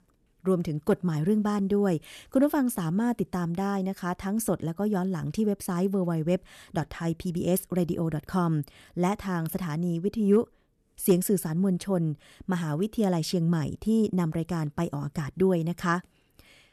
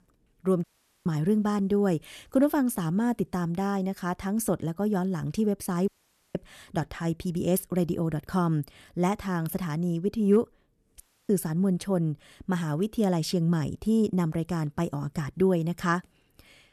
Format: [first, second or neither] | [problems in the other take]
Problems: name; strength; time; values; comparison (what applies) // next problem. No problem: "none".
first | audio cutting out; at 0.5 s, at 6 s and at 11 s